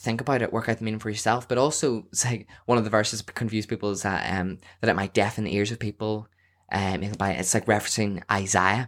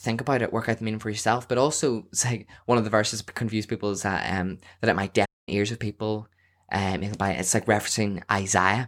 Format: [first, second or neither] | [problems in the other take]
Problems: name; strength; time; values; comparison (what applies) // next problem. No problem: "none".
first | audio cutting out; at 5.5 s